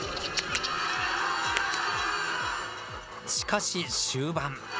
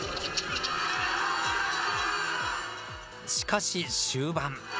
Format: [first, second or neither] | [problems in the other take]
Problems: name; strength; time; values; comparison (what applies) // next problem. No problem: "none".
second | background sound (Tick + Dog); 12 dB below the speech